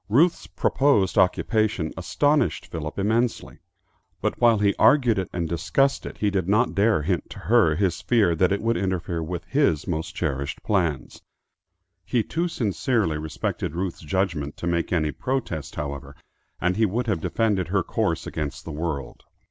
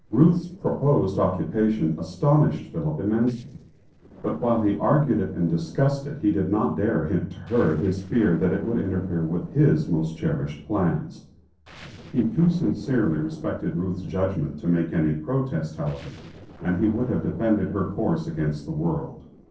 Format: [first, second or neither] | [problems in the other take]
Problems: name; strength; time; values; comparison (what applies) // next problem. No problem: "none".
first | noise reduction (neural separator model SepFormer DNS4)